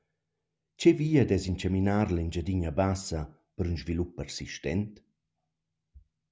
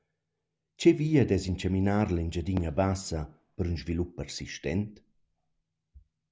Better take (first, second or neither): first